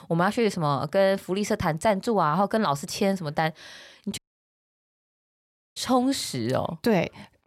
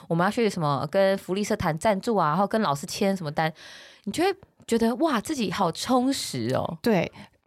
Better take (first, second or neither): second